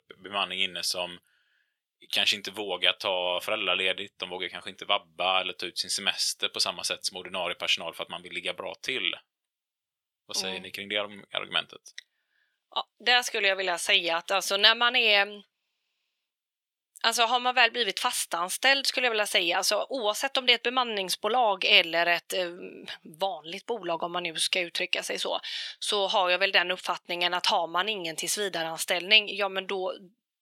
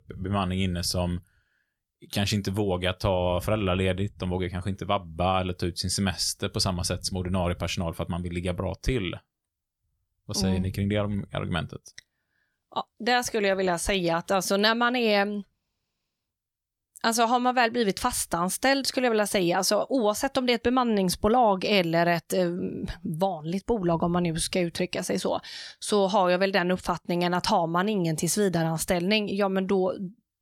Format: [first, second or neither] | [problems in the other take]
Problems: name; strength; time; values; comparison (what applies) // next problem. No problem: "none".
second | thin; very; fading below 500 Hz